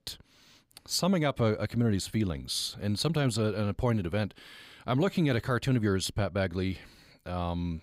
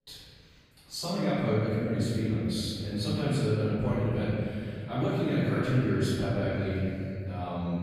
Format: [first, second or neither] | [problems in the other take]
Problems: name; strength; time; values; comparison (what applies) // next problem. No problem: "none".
first | room echo; strong; dies away in 3 s // off-mic speech; far